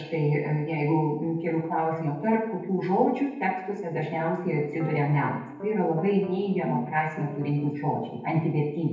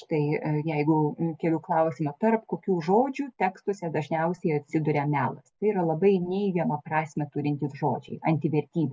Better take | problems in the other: second | noise reduction (neural separator model SepFormer DNS4)

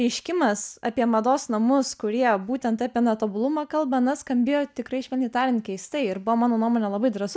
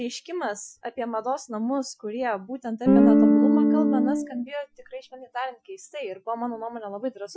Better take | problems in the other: first | noise reduction (classical method Wiener filter)

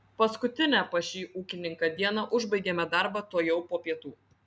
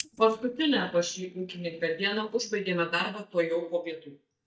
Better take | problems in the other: first | noise reduction (neural mask model DeepFilterNet 3)

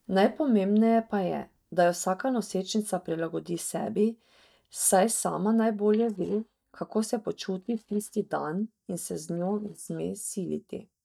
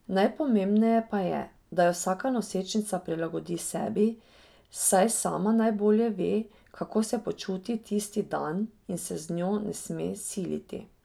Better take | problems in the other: second | noise reduction (neural mask model DeepFilterNet 3)

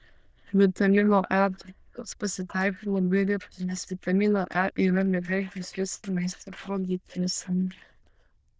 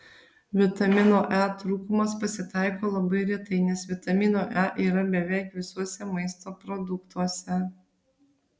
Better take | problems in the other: second | noise reduction (neural diffusion model UNIVERSE++)

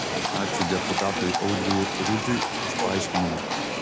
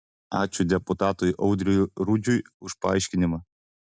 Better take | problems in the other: second | background sound (Livestock, farm animals, working animals); 2 dB above the speech

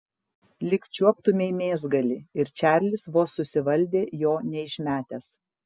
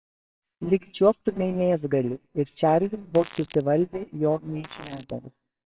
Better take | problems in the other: first | noise reduction (neural separator model SepFormer WHAMR!)

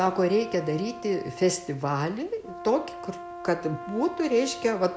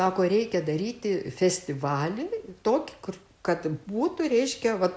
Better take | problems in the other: second | background sound (Brass instrument); 13 dB below the speech

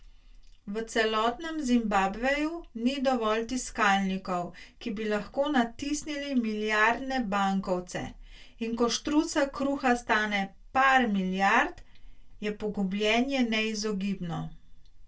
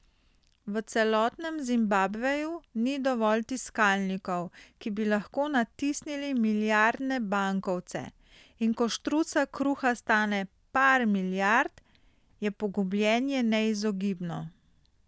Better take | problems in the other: second | room echo; dies away in 0.1 s

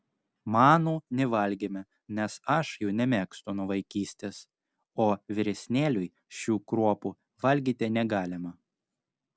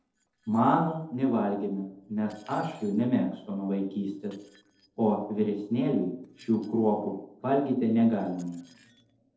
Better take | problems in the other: first | noise reduction (neural separator model SepFormer DNS4)

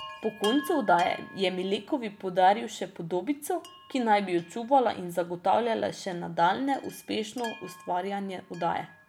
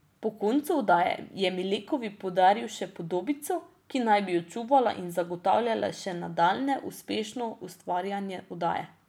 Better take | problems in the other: second | background sound (Chime); 18 dB below the speech

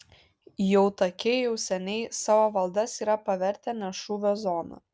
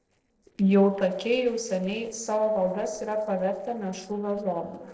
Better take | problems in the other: first | noise reduction (neural separator model SepFormer DNS4)

